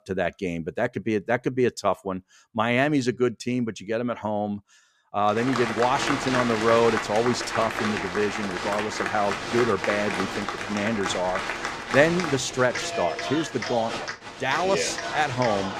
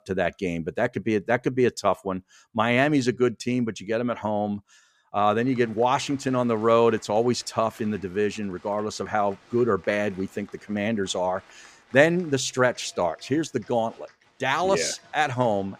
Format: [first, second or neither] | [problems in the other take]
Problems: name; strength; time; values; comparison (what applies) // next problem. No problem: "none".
second | crowd noise; loud; from 5.5 s on; 4 dB below the speech; faint in the second